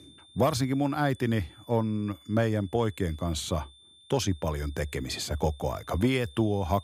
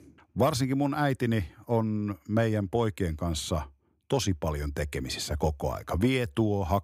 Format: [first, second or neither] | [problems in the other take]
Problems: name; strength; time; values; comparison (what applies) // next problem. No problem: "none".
second | high-pitched whine; faint; throughout; 3.5 kHz, 25 dB below the speech